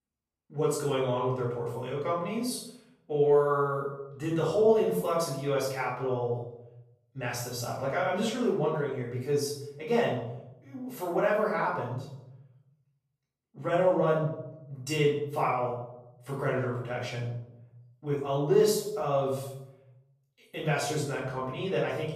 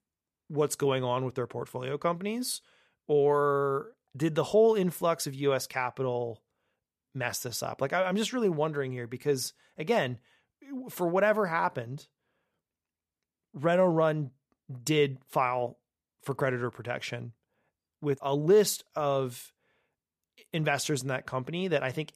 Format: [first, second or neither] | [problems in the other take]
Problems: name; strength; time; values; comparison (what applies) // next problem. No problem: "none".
second | off-mic speech; far // room echo; noticeable; dies away in 0.7 s